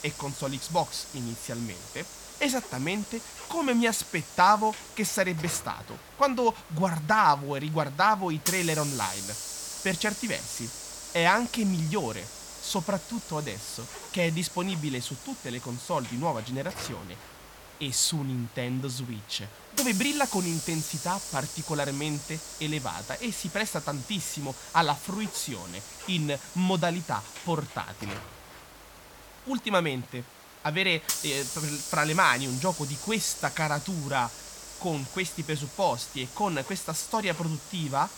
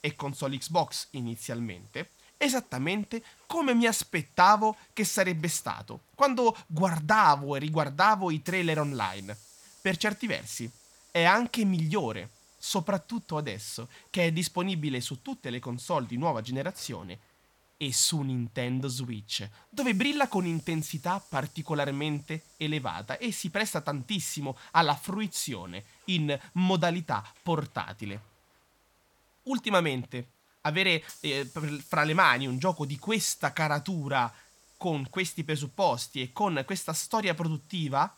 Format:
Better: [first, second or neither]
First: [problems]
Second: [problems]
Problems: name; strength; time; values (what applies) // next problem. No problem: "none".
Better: second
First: hiss; loud; throughout; 9 dB below the speech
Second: hiss; faint; throughout; 25 dB below the speech